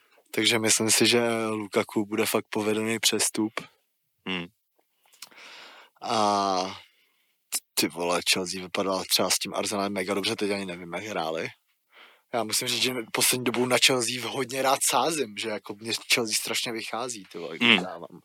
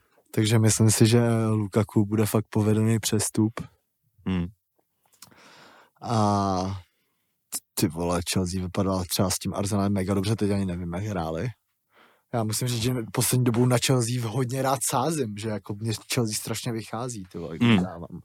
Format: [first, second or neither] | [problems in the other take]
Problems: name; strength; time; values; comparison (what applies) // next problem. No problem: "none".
second | thin; somewhat; fading below 350 Hz